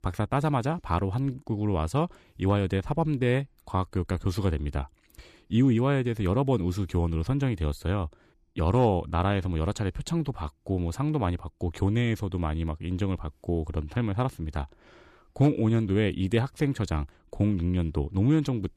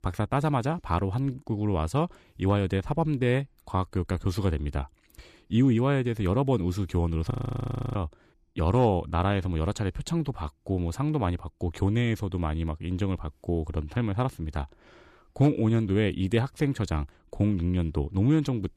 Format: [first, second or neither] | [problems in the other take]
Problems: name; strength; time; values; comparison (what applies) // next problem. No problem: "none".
first | audio freezing; at 7.5 s for 0.5 s